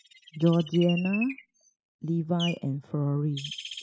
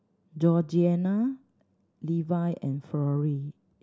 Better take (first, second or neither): second